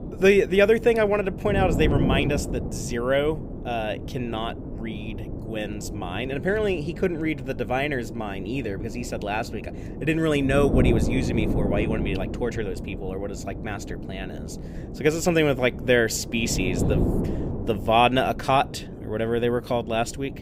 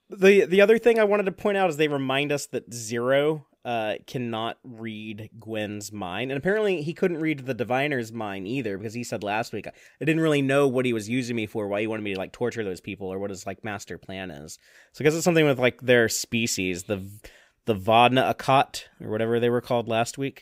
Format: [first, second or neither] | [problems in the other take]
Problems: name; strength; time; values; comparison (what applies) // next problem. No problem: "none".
second | wind noise on the microphone; occasional gusts; 10 dB below the speech